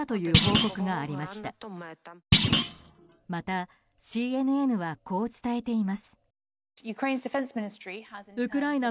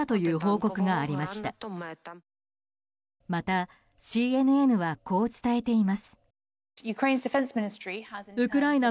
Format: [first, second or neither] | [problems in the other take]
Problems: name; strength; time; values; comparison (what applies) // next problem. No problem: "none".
second | background sound (Thump, thud); 4 dB above the speech